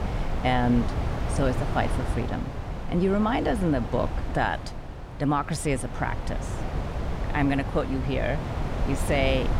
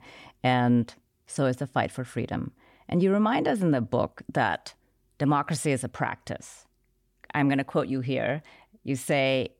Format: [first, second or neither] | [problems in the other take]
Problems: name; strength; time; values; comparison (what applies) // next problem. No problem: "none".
second | wind noise on the microphone; heavy; 8 dB below the speech